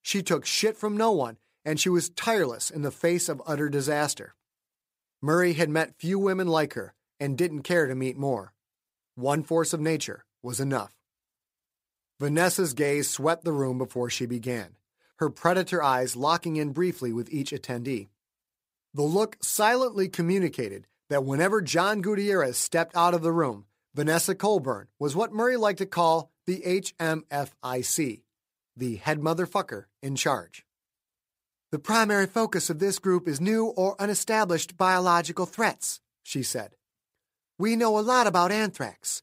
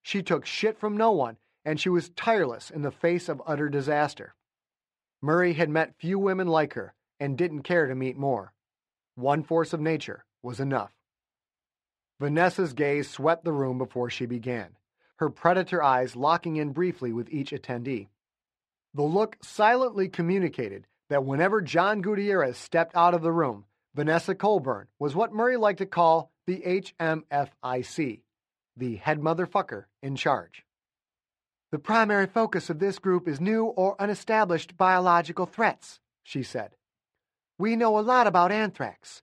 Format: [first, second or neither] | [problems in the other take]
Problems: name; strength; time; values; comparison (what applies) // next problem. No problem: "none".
first | muffled; slightly; fading above 3 kHz